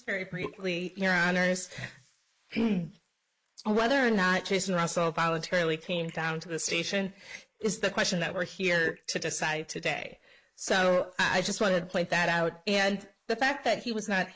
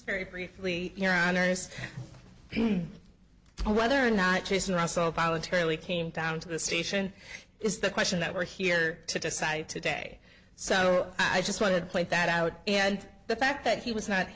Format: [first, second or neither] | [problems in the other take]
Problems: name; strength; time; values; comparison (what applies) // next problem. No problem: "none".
second | noise reduction (neural mask model Resemble Enhance denoiser)